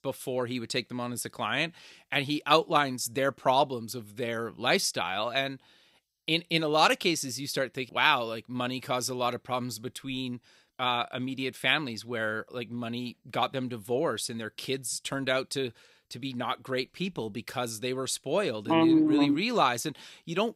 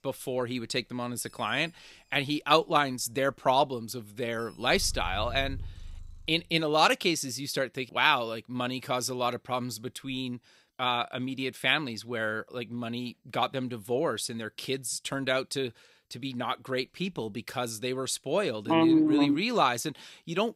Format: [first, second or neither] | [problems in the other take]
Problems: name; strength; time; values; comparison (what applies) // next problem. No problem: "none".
first | animal sounds; noticeable; until 6 s; 15 dB below the speech